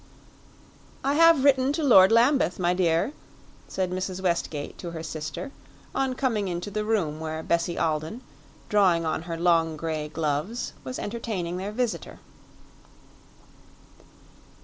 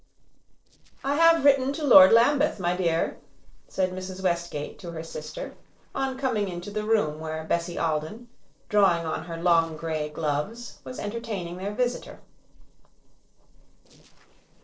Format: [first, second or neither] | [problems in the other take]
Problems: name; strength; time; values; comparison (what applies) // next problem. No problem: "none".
first | noise reduction (neural separator model SepFormer DNS4)